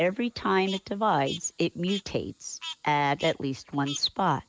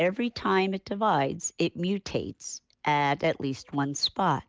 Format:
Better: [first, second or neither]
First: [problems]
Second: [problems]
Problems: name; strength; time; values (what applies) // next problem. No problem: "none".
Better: second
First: noise reduction (neural mask model Resemble Enhance denoiser)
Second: none